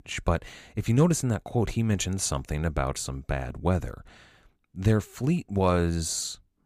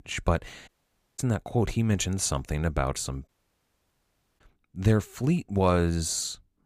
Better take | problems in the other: first | audio cutting out; at 0.5 s and at 3.5 s for 1 s

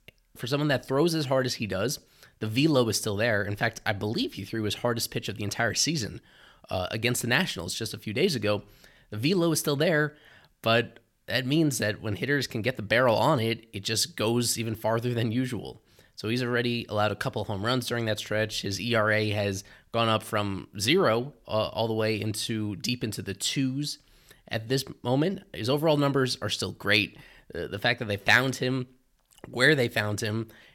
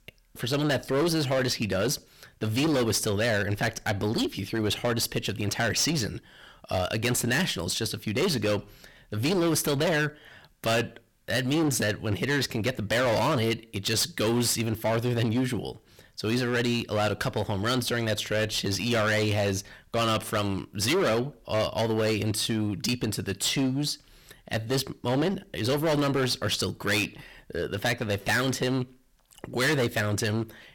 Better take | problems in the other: first | distortion; heavy; 16% of the sound clipped

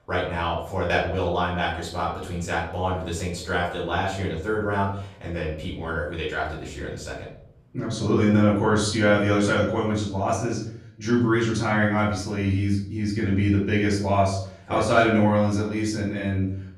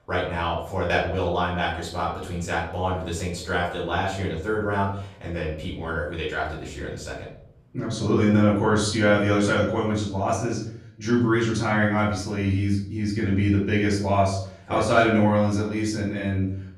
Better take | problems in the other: neither | off-mic speech; far; the same in both // room echo; noticeable; dies away in 0.6 s; the same in both

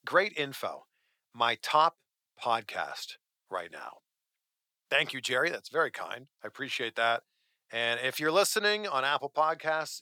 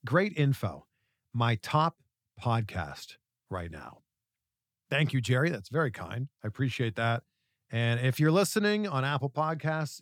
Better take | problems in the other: second | thin; very; fading below 600 Hz

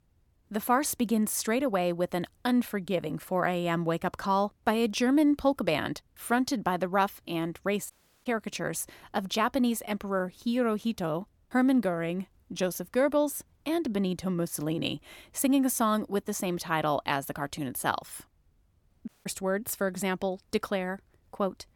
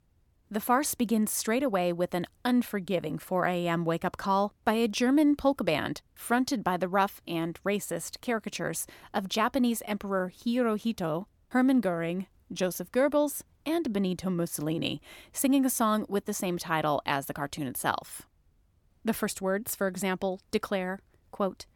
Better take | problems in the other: second | audio cutting out; at 8 s and at 19 s

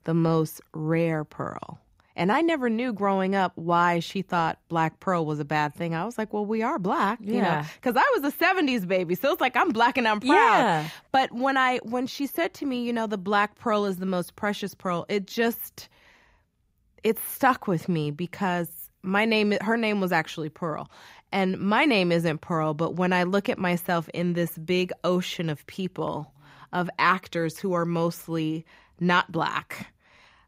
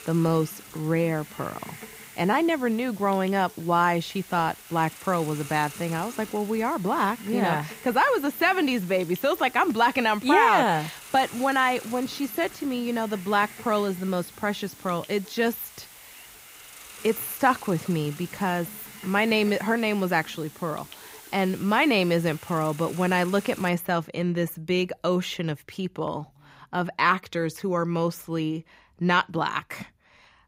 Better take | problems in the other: first | hiss; noticeable; until 24 s; 15 dB below the speech

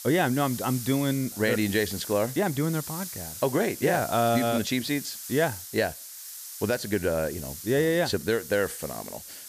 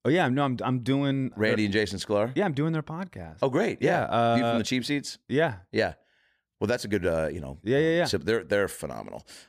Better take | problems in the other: second | hiss; noticeable; throughout; 10 dB below the speech

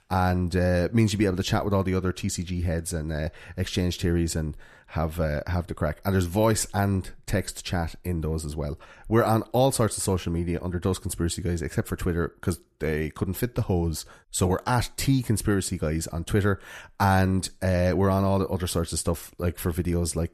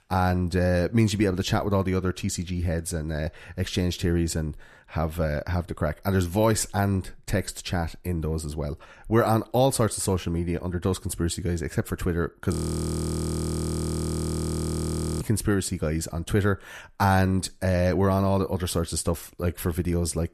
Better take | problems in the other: first | audio freezing; at 13 s for 2.5 s

